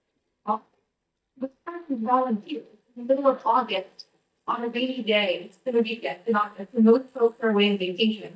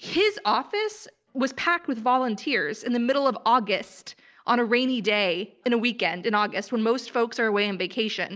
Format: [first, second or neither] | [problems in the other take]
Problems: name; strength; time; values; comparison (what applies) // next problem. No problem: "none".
second | noise reduction (neural mask model DeepFilterNet 3)